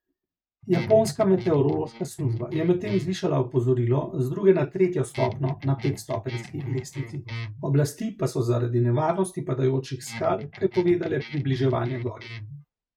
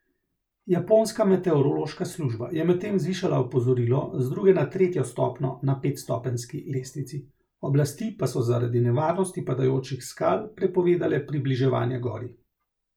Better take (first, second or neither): second